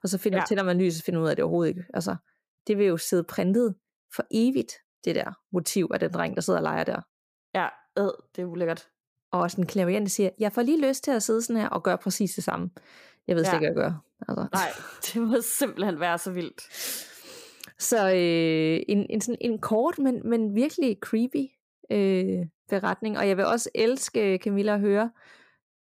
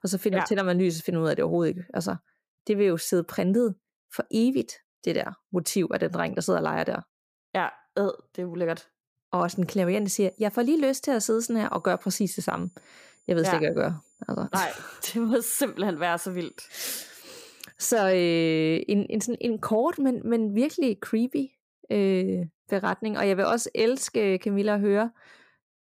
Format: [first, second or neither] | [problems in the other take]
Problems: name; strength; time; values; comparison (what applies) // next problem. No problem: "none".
first | high-pitched whine; faint; from 9.5 to 19 s; 7 kHz, 35 dB below the speech